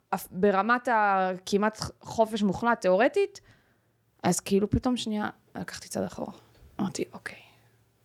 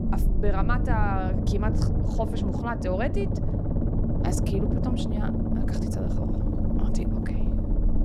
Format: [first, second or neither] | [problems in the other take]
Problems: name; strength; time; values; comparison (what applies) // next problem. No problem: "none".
first | low rumble; loud; throughout; 3 dB below the speech